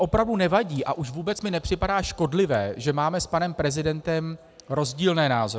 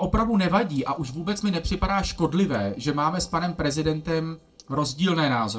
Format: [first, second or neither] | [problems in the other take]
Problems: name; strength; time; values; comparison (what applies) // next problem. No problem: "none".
first | noise reduction (neural separator model SepFormer DNS4)